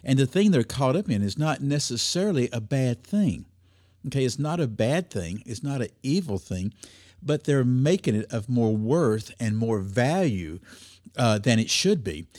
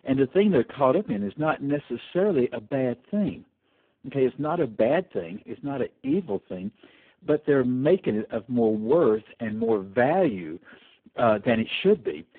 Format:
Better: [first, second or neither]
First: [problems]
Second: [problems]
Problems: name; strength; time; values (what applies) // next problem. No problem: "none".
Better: first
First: none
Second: phone-call audio; poor line